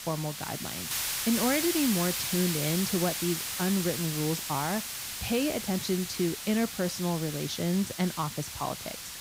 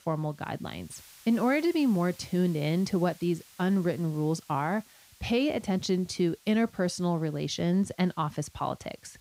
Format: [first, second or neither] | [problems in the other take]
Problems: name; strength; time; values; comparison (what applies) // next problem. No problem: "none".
second | hiss; loud; throughout; 2 dB below the speech; faint in the second